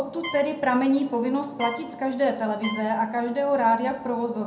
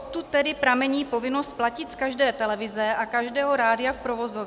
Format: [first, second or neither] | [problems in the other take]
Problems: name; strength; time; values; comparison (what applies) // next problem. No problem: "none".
second | background sound (Trumpet); 14 dB below the speech // room echo; dies away in 0.6 s